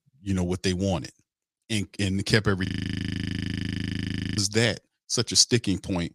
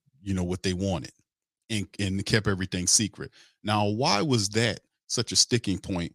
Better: second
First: audio freezing; at 2.5 s for 1.5 s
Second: none

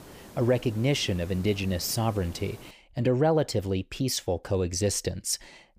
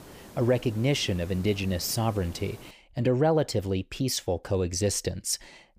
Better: neither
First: hiss; noticeable; until 2.5 s; 20 dB below the speech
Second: hiss; noticeable; until 2.5 s; 20 dB below the speech

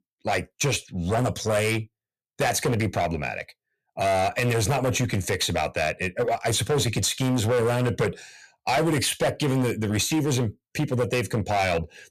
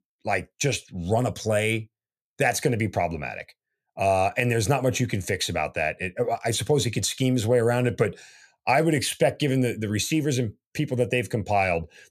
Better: second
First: distortion; heavy; 14% of the sound clipped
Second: none

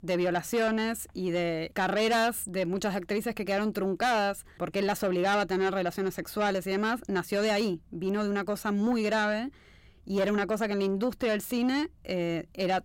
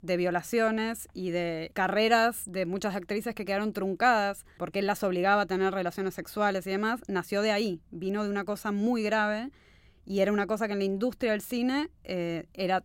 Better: second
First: distortion; slight; 10 dB below the speech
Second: none

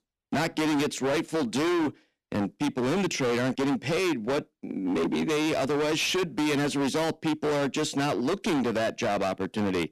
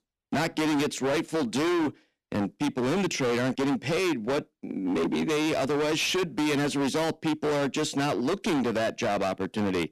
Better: neither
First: distortion; heavy; 31% of the sound clipped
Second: distortion; heavy; 31% of the sound clipped

